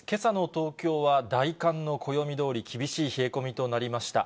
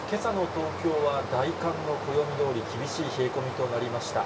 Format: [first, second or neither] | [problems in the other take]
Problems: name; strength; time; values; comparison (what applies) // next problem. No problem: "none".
first | background sound (Stream); 5 dB below the speech // room echo; dies away in 0.2 s